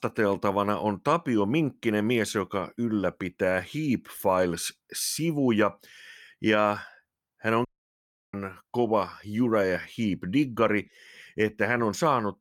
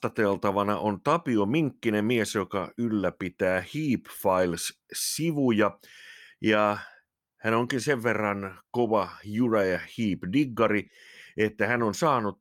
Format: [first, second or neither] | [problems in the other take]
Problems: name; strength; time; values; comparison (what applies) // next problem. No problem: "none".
second | audio cutting out; at 7.5 s for 0.5 s